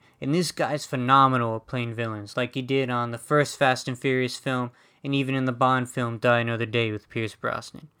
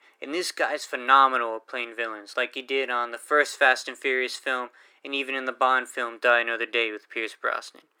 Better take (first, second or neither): first